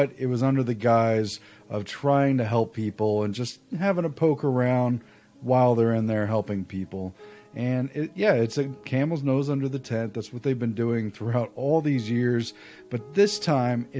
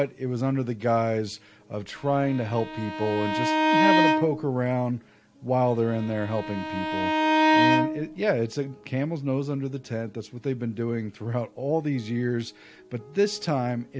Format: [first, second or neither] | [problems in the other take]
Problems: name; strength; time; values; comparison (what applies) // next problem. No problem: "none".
first | background sound (Bowed string instrument); 2 dB above the speech